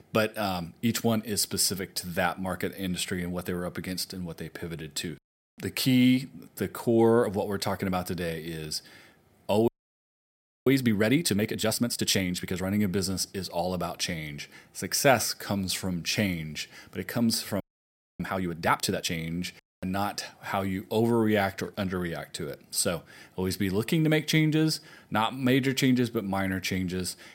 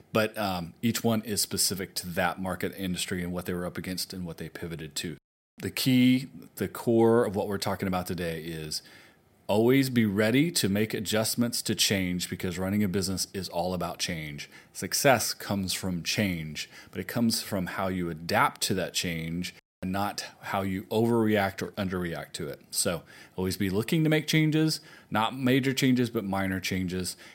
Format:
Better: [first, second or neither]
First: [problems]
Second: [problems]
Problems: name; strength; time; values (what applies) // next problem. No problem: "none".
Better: second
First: audio freezing; at 9.5 s for 1 s and at 18 s for 0.5 s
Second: none